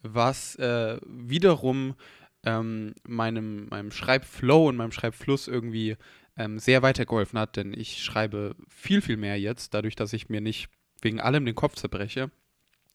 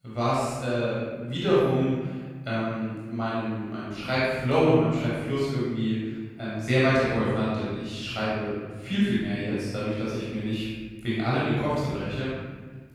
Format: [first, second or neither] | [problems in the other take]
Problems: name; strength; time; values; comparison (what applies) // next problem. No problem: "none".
first | off-mic speech; far // room echo; strong; dies away in 1.4 s